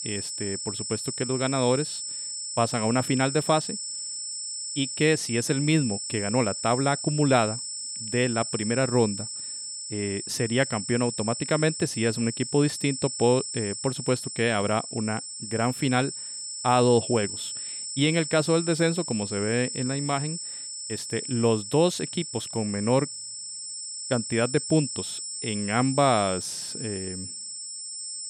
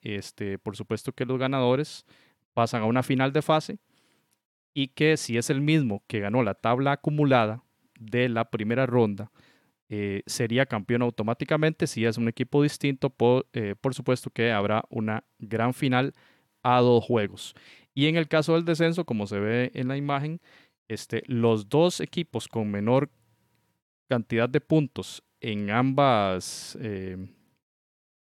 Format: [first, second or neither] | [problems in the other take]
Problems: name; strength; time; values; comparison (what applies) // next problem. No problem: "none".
second | high-pitched whine; loud; throughout; 8 kHz, 6 dB below the speech